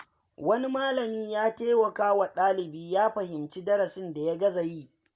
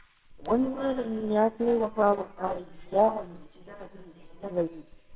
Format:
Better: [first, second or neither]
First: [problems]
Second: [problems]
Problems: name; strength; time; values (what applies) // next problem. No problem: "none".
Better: first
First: none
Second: noise reduction (neural separator model SepFormer WHAMR!)